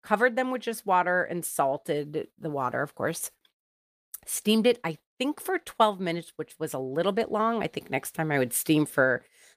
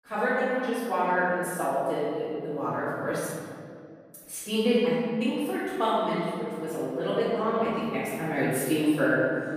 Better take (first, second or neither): first